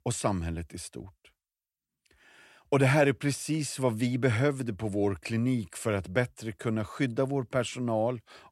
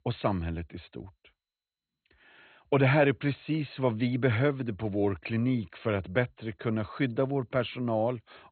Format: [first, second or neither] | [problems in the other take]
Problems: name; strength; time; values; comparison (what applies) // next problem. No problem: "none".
first | garbled, watery; badly; nothing above 4 kHz